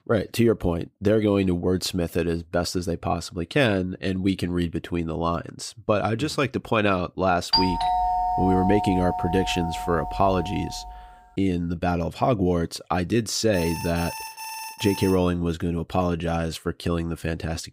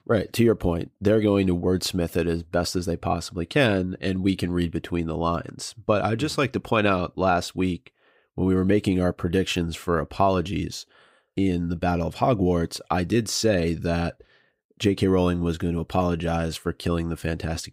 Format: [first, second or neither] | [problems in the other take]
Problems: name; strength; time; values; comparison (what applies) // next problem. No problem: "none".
second | doorbell; loud; from 7.5 to 11 s; peak 3 dB above the speech // alarm; noticeable; from 14 to 15 s; peak 9 dB below the speech